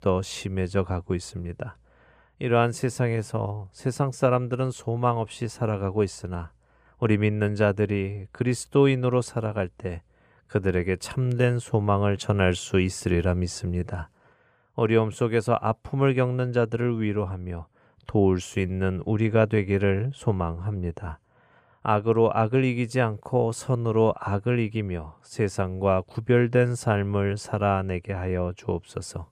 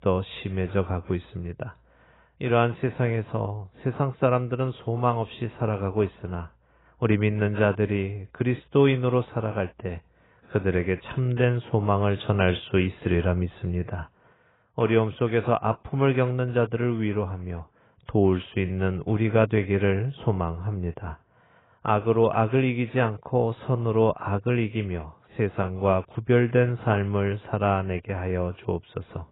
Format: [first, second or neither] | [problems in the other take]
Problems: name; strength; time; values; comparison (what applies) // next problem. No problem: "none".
first | garbled, watery; badly; nothing above 4 kHz